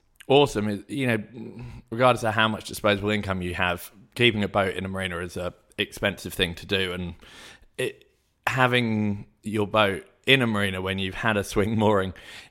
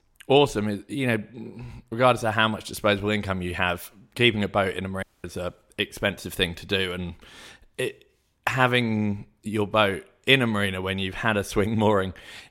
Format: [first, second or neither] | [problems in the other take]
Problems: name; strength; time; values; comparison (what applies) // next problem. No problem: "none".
first | audio cutting out; at 5 s